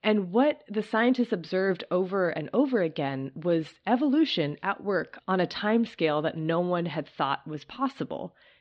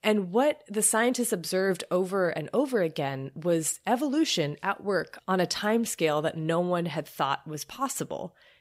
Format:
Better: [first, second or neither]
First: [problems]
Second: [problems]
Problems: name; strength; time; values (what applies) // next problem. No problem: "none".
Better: second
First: muffled; slightly; fading above 4 kHz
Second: none